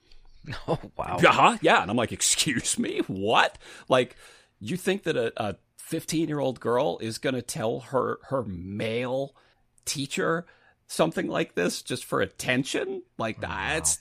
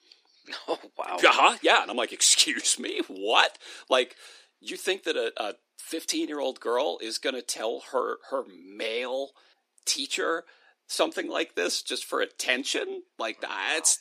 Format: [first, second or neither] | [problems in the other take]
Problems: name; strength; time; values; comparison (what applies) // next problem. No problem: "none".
first | thin; somewhat; fading below 300 Hz